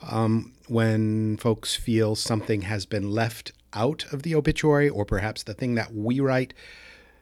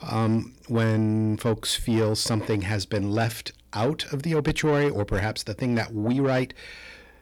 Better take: first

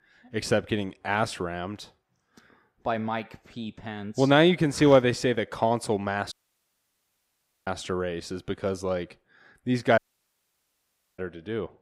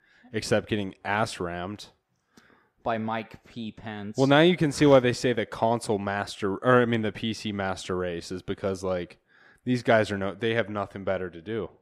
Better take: second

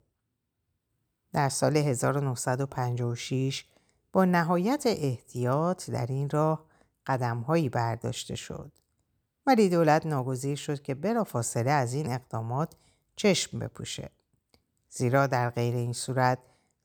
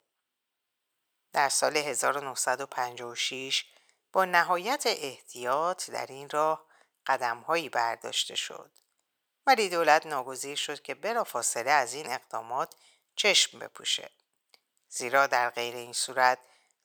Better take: first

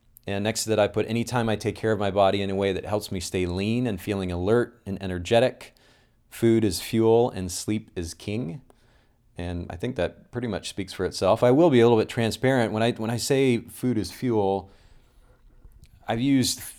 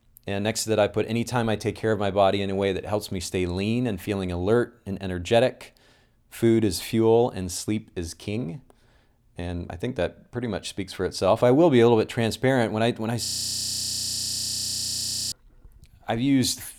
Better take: first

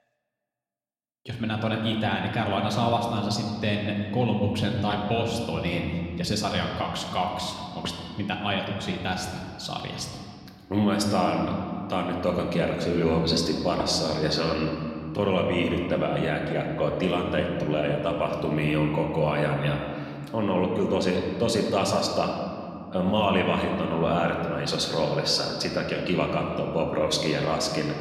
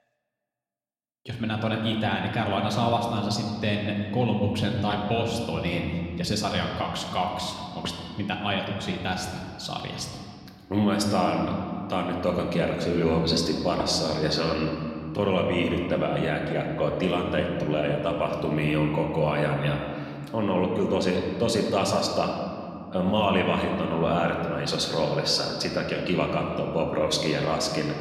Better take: neither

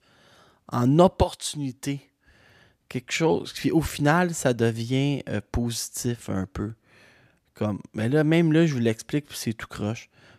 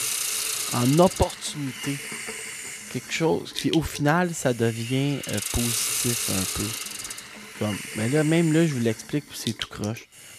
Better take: first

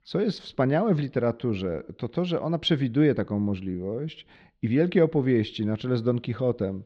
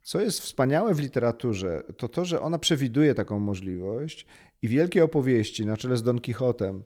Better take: second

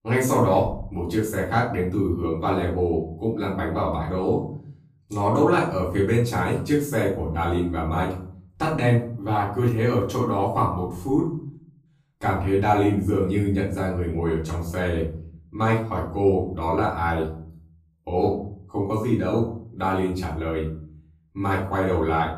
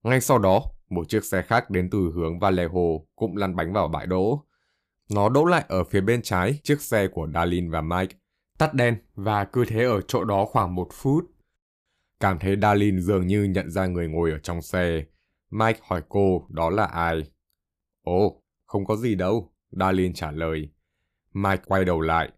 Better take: second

